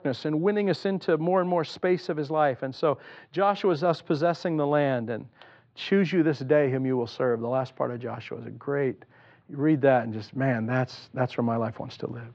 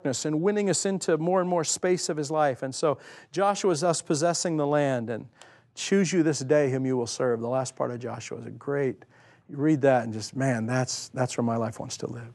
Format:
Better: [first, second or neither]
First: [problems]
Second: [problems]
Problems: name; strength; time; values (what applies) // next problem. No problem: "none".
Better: second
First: muffled; slightly; fading above 4 kHz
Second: none